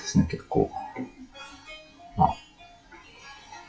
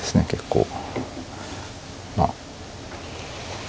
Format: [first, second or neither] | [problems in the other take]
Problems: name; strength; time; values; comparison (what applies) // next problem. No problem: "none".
second | noise reduction (classical method WPE with log-MMSE)